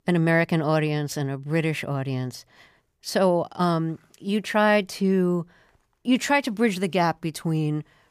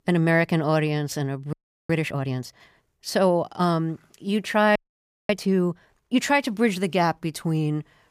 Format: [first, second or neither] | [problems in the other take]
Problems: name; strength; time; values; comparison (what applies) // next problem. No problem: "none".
first | audio freezing; at 1.5 s and at 5 s for 0.5 s